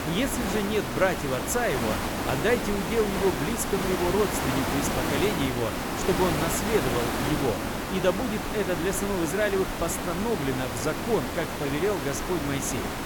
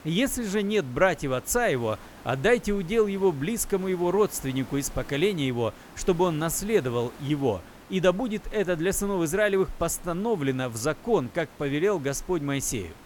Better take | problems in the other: second | hiss; loud; throughout; 1 dB below the speech; faint in the second

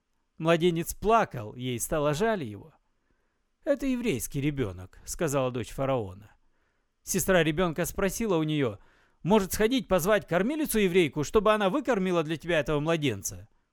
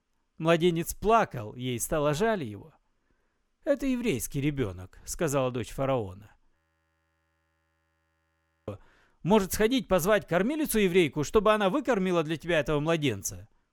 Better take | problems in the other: first | audio freezing; at 6.5 s for 2 s

